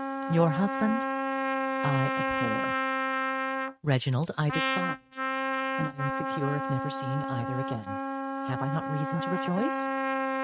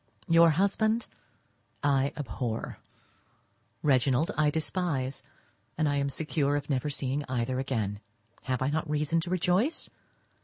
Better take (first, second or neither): second